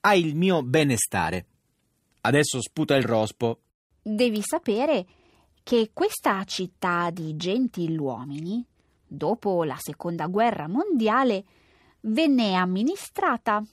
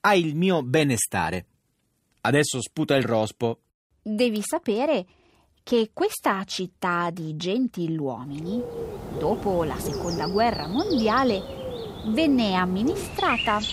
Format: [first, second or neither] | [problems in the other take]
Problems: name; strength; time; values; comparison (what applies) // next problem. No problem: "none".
first | animal sounds; loud; from 8.5 s on; 7 dB below the speech